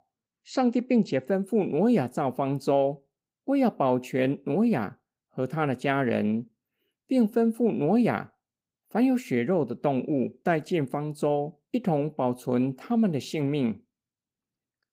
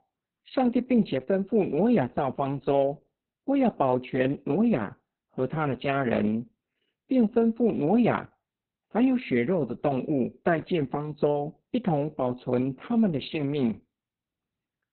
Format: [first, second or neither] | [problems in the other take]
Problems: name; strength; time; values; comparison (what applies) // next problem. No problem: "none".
first | garbled, watery; badly; nothing above 4 kHz; slightly in the first